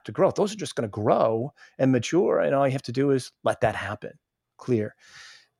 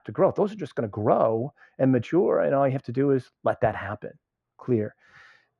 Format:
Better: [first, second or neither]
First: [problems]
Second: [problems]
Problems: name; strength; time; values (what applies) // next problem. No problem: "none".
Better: first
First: none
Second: muffled; very; fading above 3 kHz